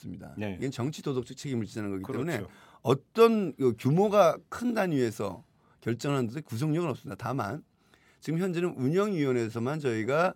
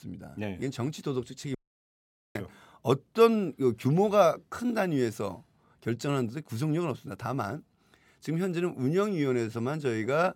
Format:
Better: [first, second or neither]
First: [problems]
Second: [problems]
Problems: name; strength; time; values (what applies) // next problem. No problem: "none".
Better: first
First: none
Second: audio cutting out; at 1.5 s for 1 s